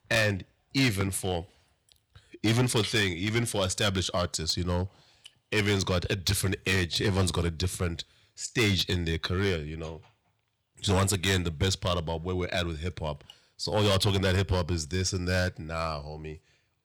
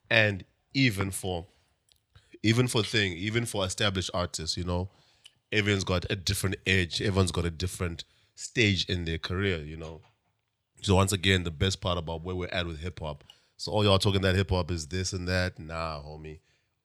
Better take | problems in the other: second | distortion; heavy; 5% of the sound clipped

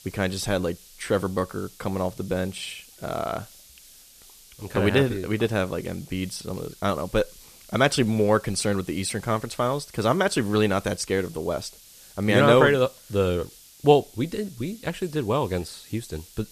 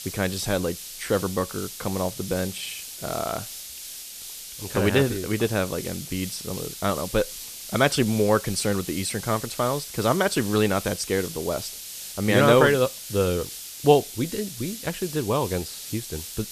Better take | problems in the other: first | hiss; loud; throughout; 10 dB below the speech; faint in the first

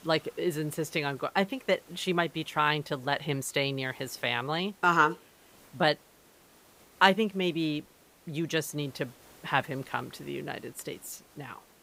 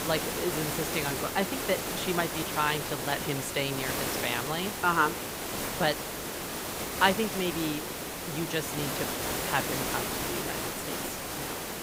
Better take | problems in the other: first | hiss; loud; throughout; 1 dB below the speech; faint in the first

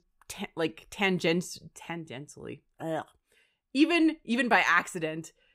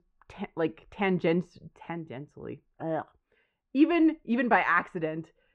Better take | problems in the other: first | muffled; very; fading above 1.5 kHz

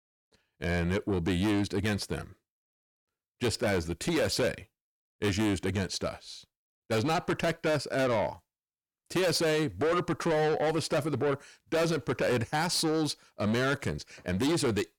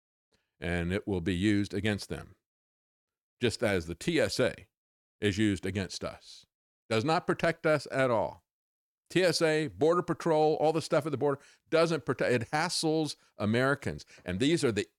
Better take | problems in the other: second | distortion; heavy; 7 dB below the speech

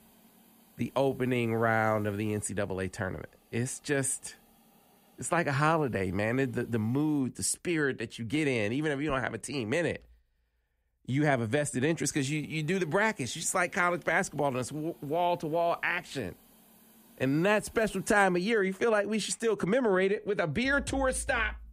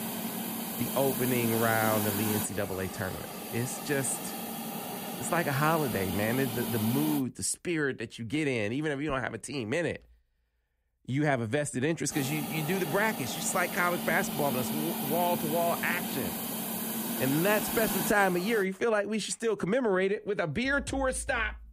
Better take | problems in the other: first | hiss; loud; until 7 s and from 12 to 19 s; 4 dB below the speech; faint in the first

